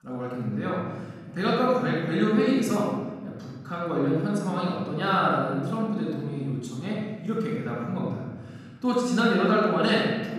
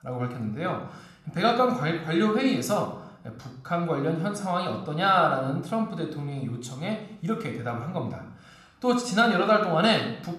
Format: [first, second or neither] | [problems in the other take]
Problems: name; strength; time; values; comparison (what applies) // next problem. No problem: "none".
second | room echo; strong; dies away in 1.7 s; slight in the second // off-mic speech; far